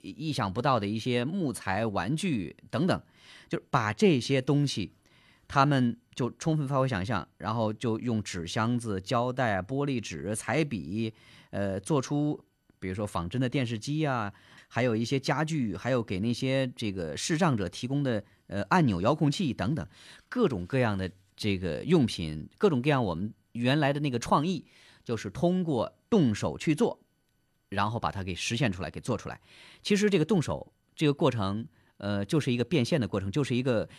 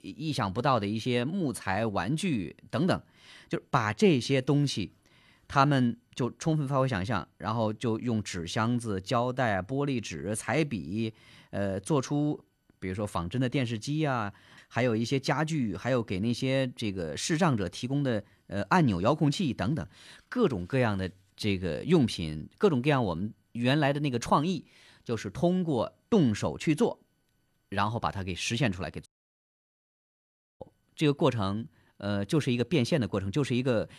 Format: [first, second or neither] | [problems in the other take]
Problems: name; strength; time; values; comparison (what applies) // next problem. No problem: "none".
first | audio cutting out; at 29 s for 1.5 s